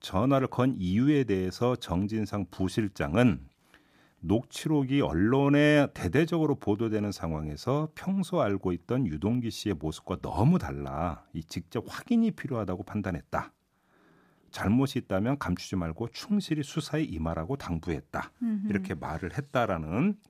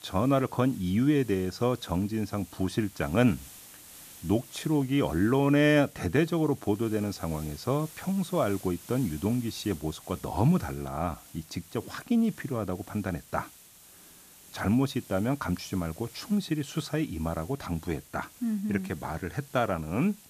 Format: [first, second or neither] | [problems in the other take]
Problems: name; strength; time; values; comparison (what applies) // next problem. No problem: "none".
first | hiss; noticeable; throughout; 20 dB below the speech